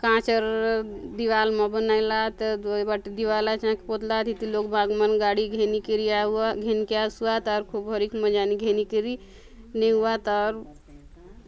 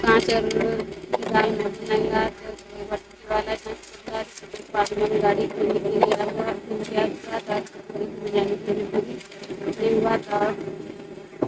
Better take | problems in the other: first | noise reduction (neural mask model RNNoise)

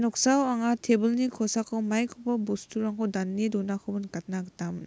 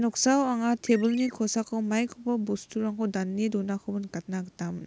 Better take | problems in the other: first | background sound (Chirp, tweet); 17 dB below the speech

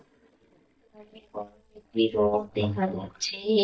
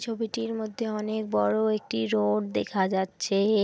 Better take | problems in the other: second | noise reduction (neural mask model DeepFilterNet 3)

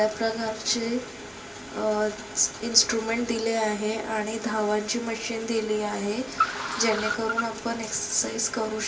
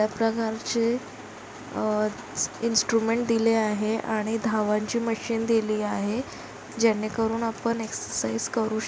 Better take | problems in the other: second | background sound (Car); 10 dB below the speech // room echo; dies away in 0.3 s

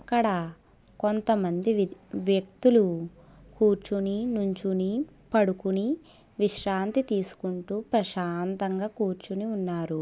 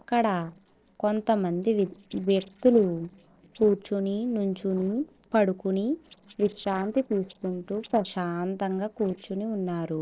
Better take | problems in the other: first | noise reduction (neural separator model SepFormer DNS4)

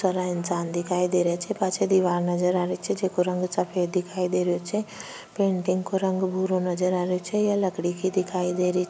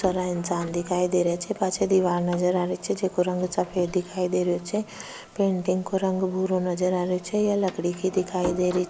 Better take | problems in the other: first | background sound (Door); 19 dB below the speech

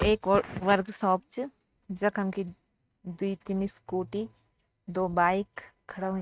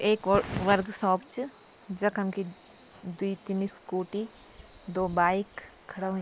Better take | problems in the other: second | noise reduction (neural mask model RNNoise)

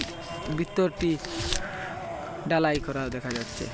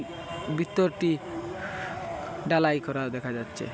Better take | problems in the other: second | background sound (Tearing); 8 dB below the speech

